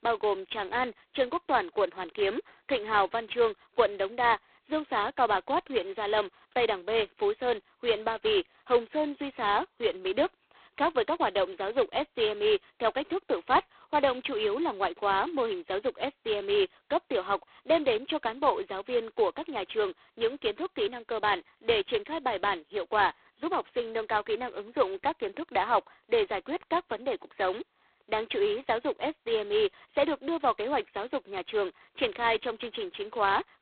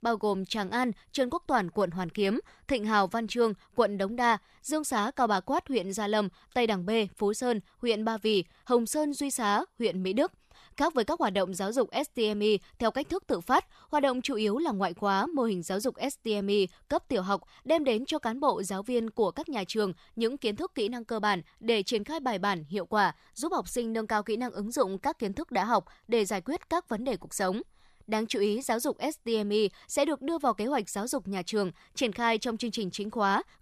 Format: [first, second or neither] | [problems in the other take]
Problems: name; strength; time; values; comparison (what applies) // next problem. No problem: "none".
second | phone-call audio; poor line; nothing above 4 kHz